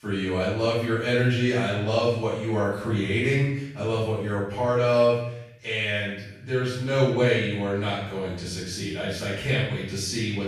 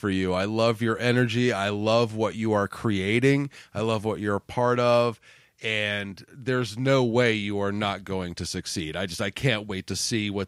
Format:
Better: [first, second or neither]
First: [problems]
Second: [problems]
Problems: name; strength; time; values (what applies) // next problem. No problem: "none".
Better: second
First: off-mic speech; far // room echo; noticeable; dies away in 0.8 s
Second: none